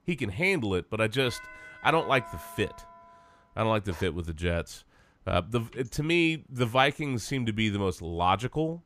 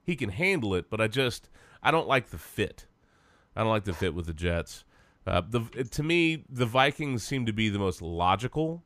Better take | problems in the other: second | doorbell; faint; from 1 to 3 s; peak 10 dB below the speech

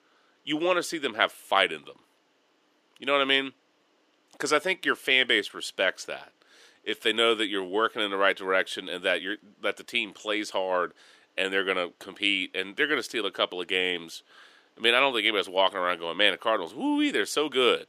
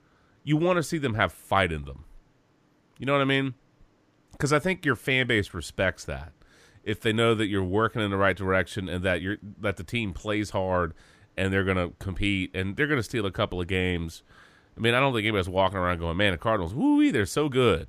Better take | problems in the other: second | thin; somewhat; fading below 350 Hz

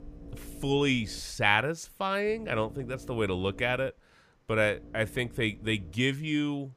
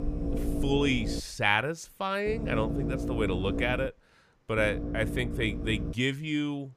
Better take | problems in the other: first | low rumble; loud; until 1 s, from 2.5 to 4 s and from 4.5 to 6 s; 9 dB below the speech; faint in the first

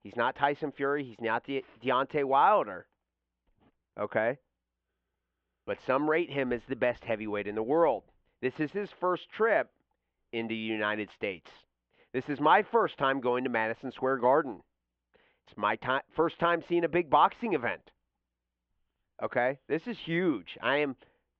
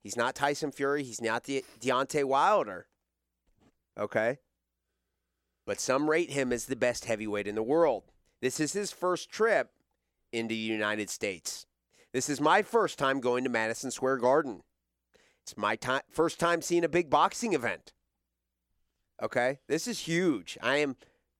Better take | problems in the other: second | muffled; very; fading above 3 kHz

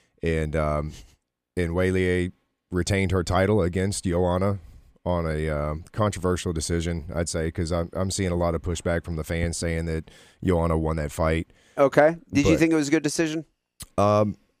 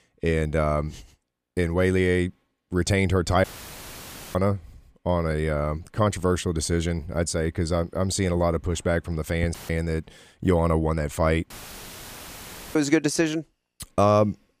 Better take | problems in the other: first | audio cutting out; filled with static; at 3.5 s for 1 s, at 9.5 s and at 12 s for 1.5 s

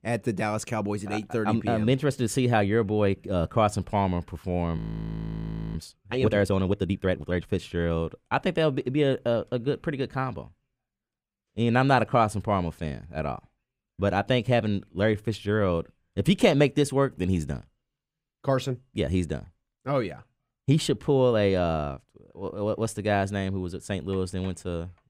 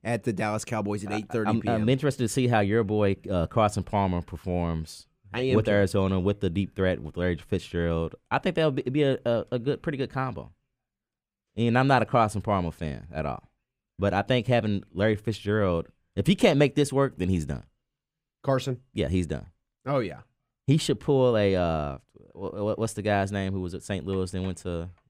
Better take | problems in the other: second | audio freezing; at 5 s for 1 s

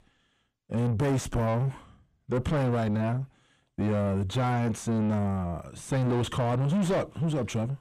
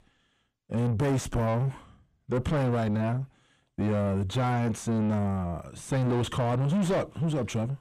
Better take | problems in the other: neither | distortion; heavy; 5 dB below the speech; the same in both

